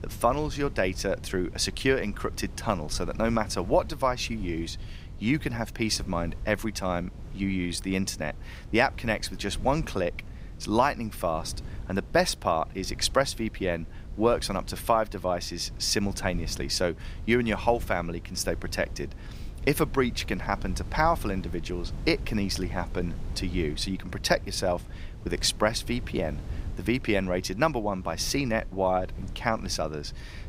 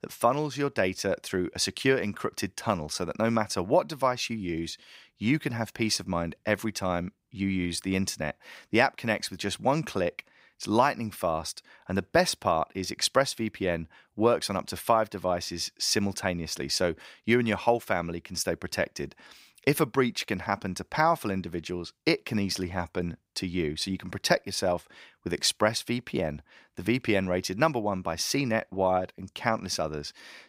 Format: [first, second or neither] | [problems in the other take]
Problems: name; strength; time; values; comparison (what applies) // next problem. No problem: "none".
second | wind noise on the microphone; occasional gusts; 25 dB below the speech